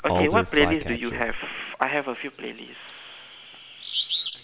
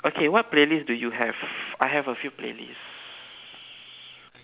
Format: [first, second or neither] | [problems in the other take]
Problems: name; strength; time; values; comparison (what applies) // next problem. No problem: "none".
second | background sound (Bird vocalization, bird call, bird song); 3 dB below the speech